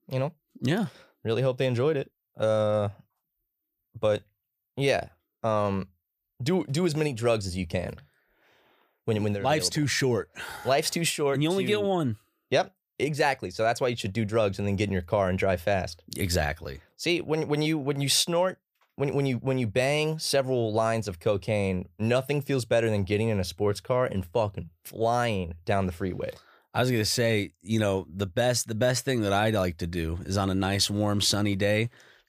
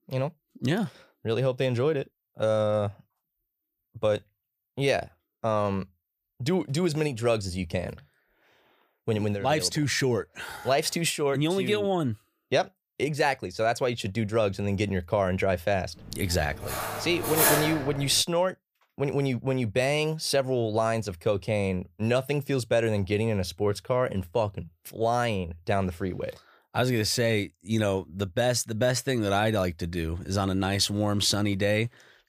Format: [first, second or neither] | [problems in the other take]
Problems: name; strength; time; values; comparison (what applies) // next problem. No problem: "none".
first | clattering dishes; loud; from 17 to 18 s; peak 6 dB above the speech